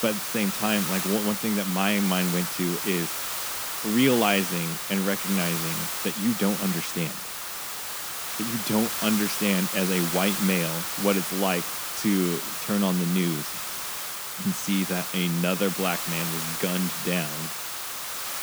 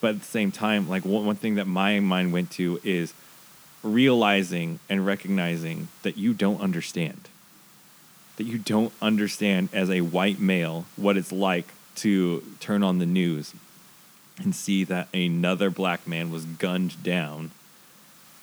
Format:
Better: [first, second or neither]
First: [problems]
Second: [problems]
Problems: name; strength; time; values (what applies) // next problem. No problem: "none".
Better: second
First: hiss; loud; throughout; 2 dB below the speech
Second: hiss; faint; throughout; 25 dB below the speech